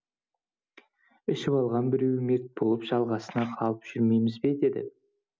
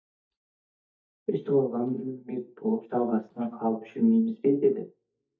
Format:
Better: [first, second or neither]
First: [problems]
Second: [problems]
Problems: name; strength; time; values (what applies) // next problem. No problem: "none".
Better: first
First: none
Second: noise reduction (neural mask model DeepFilterNet 3)